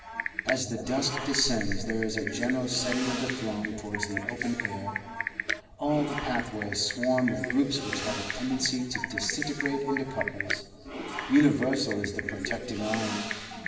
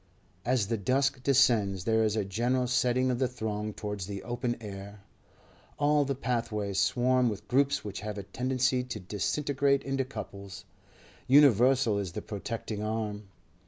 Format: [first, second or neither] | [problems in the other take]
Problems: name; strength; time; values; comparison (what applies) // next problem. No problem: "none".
second | background sound (Typing); 6 dB below the speech // room echo; dies away in 2.3 s